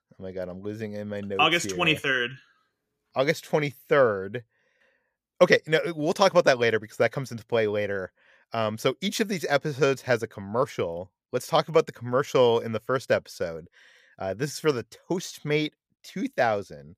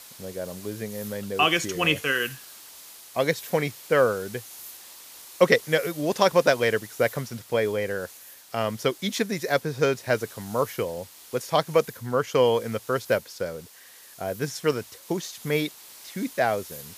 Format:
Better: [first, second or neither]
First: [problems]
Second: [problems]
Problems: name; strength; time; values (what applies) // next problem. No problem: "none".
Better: first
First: none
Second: hiss; noticeable; throughout; 15 dB below the speech